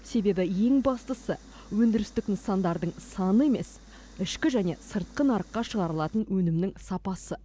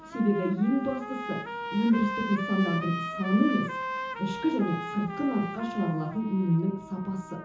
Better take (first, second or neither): first